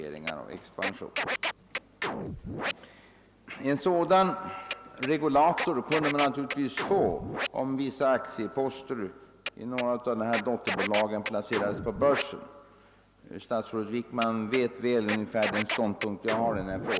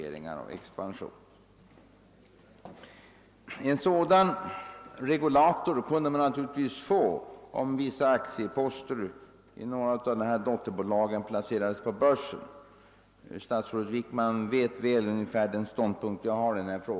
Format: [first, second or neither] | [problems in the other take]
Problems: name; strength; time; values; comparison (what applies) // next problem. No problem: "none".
second | background sound (Scratching (performance technique)); 7 dB below the speech